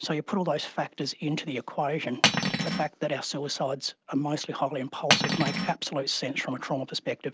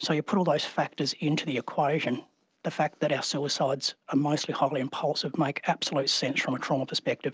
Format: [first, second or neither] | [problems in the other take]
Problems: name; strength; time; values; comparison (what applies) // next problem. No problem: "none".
second | background sound (Cutlery, silverware); 5 dB above the speech